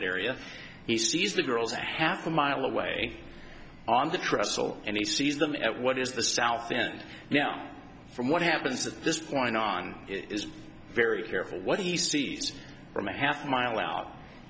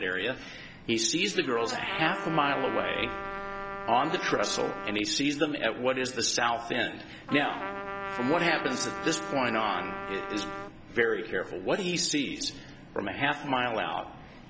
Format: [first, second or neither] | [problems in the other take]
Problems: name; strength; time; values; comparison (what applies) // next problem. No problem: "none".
first | background sound (Trumpet); 7 dB below the speech